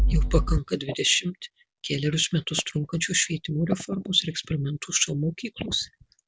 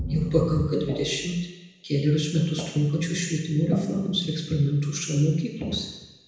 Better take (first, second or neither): first